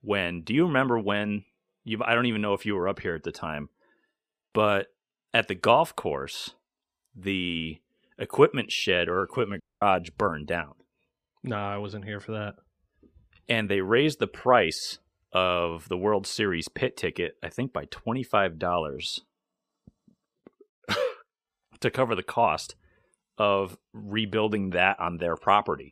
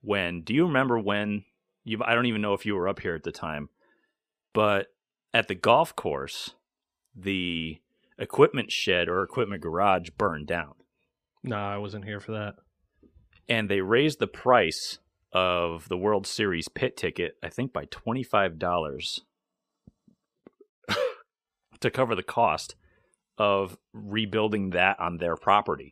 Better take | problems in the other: second | audio cutting out; at 9.5 s

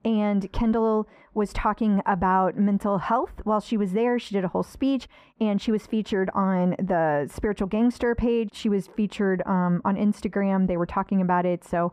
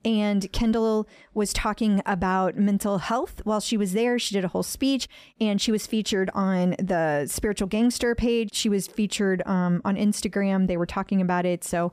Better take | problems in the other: second | muffled; very; fading above 3 kHz

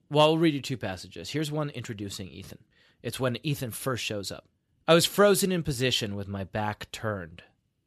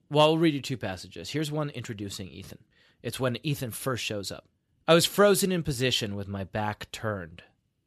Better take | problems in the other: neither | none

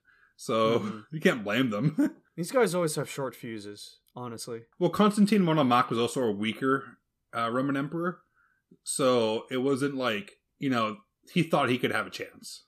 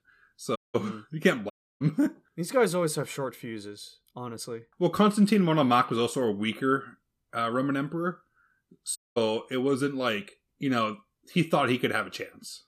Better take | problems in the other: first | audio cutting out; at 0.5 s, at 1.5 s and at 9 s

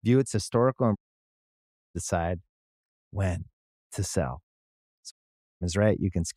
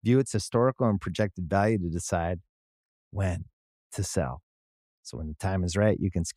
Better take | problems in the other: second | audio cutting out; at 1 s for 1 s and at 5 s

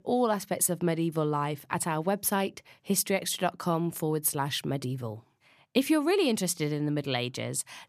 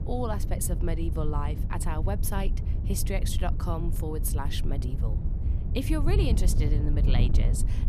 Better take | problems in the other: first | wind noise on the microphone; heavy; 8 dB below the speech

